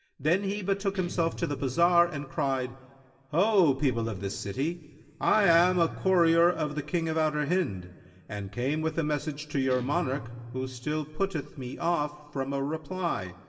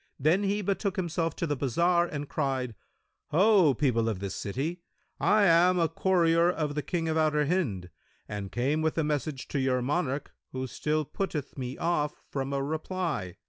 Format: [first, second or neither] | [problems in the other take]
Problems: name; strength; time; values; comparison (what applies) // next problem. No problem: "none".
second | background sound (Guitar); 18 dB below the speech // room echo; dies away in 1.4 s